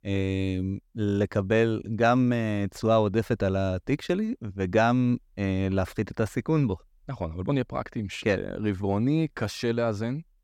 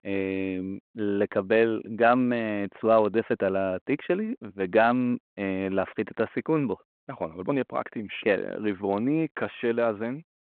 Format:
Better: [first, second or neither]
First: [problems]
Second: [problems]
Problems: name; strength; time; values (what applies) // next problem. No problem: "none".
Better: first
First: none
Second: phone-call audio; nothing above 4 kHz